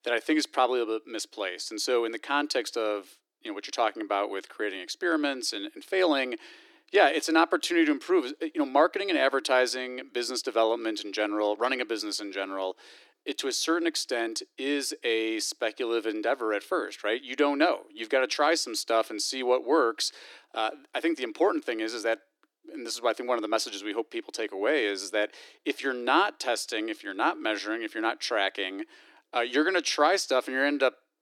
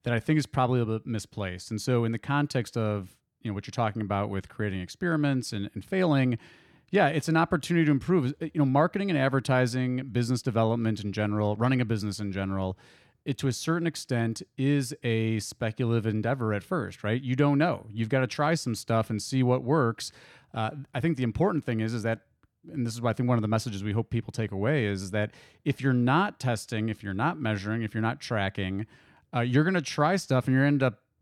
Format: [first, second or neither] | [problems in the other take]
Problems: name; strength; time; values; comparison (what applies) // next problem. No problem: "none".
second | thin; very; fading below 300 Hz